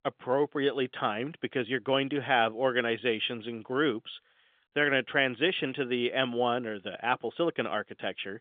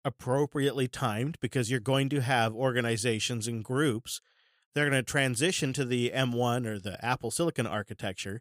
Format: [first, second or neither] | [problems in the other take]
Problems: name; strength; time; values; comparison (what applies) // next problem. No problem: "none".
second | phone-call audio; nothing above 3.5 kHz